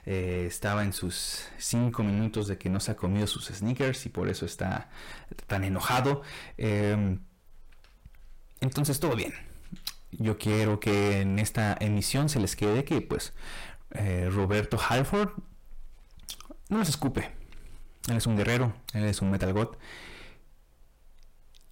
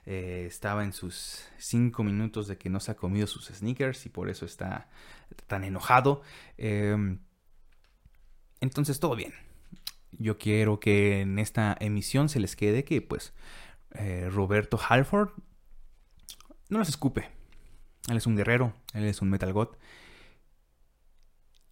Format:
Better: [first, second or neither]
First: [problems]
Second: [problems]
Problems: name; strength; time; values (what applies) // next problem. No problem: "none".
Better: second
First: distortion; heavy; 6 dB below the speech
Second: none